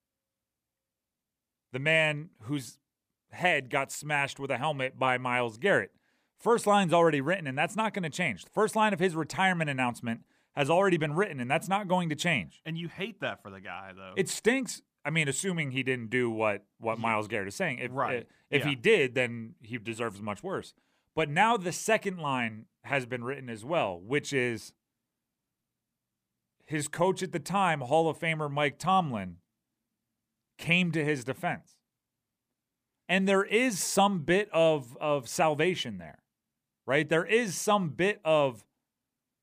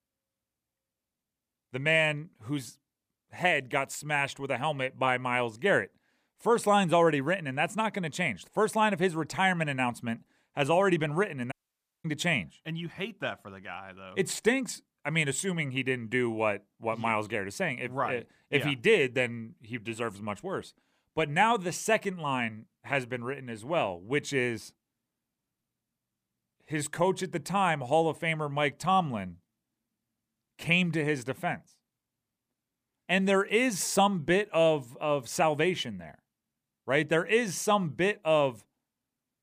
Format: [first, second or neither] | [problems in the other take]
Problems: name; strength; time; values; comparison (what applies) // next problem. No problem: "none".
first | audio cutting out; at 12 s for 0.5 s